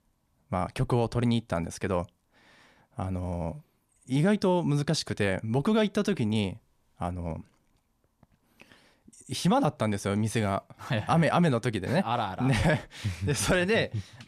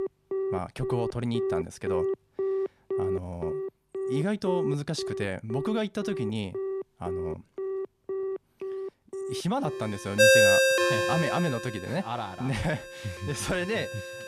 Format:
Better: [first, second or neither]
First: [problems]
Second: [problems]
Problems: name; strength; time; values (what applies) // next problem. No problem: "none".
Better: first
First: none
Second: alarms or sirens; very loud; throughout; 3 dB above the speech